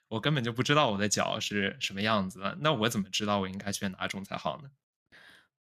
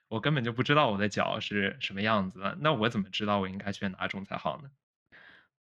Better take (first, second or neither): first